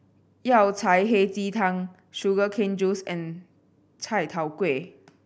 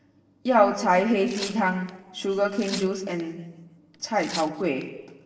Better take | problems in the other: first | background sound (Tearing); 16 dB below the speech // room echo; dies away in 1.2 s

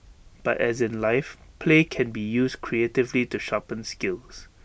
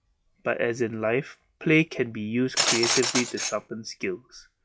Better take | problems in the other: first | noise reduction (classical method log-MMSE)

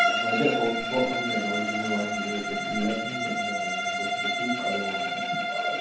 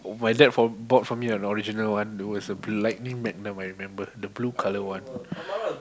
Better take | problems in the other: second | background sound (Bowed string instrument); 3 dB above the speech // room echo; dies away in 0.9 s

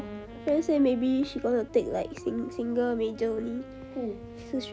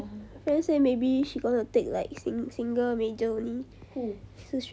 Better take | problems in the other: second | background sound (Wind instrument, woodwind instrument); 16 dB below the speech

